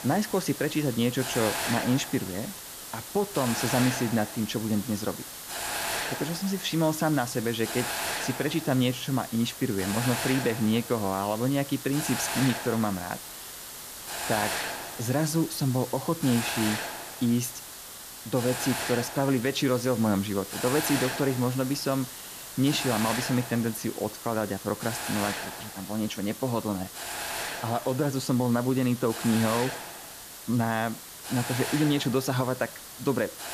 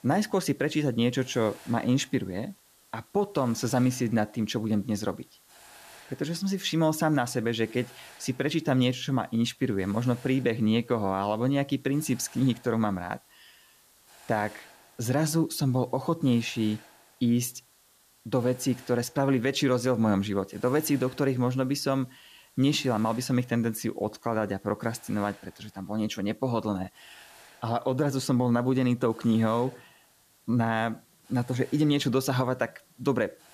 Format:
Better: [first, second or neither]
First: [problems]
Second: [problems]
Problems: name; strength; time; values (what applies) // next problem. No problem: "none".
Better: second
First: hiss; loud; throughout; 6 dB below the speech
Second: hiss; faint; throughout; 25 dB below the speech